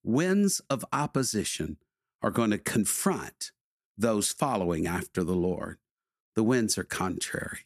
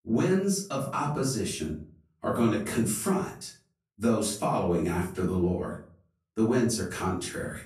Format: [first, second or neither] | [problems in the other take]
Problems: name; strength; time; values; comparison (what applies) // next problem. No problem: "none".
first | off-mic speech; far // room echo; noticeable; dies away in 0.4 s